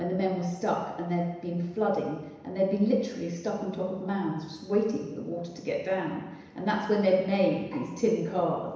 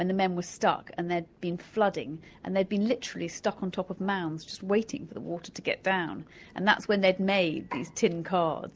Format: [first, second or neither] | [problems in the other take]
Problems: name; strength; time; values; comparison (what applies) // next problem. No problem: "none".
second | room echo; dies away in 1 s